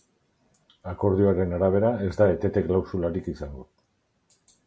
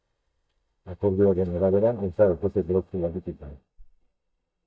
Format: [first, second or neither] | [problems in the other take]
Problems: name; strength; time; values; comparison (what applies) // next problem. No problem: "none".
first | noise reduction (neural mask model DeepFilterNet 3)